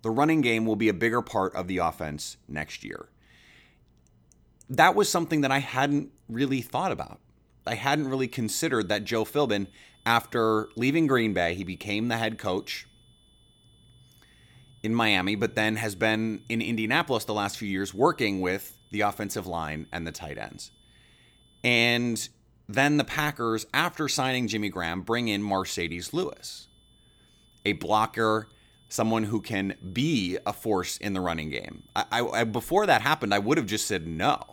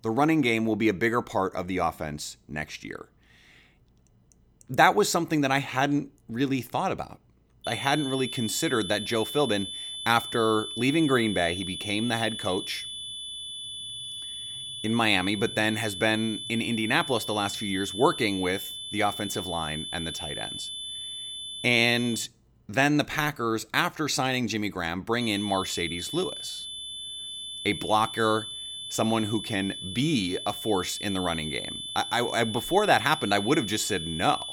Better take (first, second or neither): first